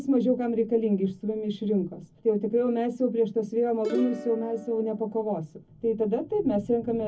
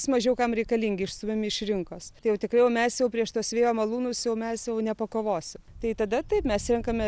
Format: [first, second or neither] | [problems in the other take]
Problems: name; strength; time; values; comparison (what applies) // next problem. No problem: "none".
second | background sound (Plucked string instrument); 11 dB below the speech // room echo; dies away in 0.3 s